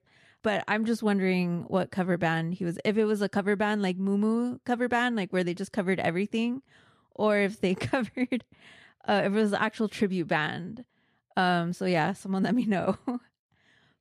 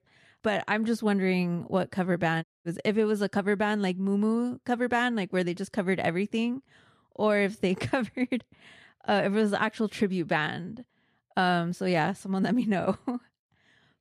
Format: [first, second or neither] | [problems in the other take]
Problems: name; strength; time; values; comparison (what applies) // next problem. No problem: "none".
first | audio cutting out; at 2.5 s